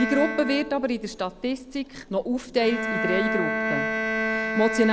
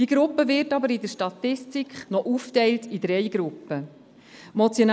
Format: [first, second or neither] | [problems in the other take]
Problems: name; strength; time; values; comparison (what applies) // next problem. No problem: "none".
second | background sound (Bowed string instrument); 3 dB below the speech